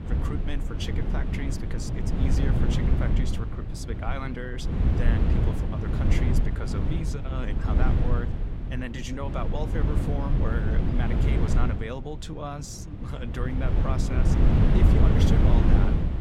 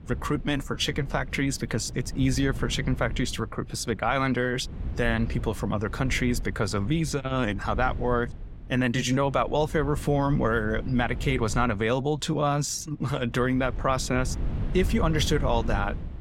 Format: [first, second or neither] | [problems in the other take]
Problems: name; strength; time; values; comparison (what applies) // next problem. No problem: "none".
second | wind noise on the microphone; heavy; 1 dB above the speech; occasional gusts in the second